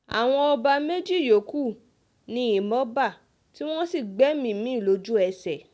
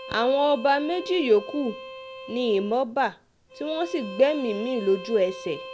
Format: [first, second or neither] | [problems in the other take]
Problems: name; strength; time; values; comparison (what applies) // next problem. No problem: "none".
first | background sound (Bowed string instrument); 15 dB below the speech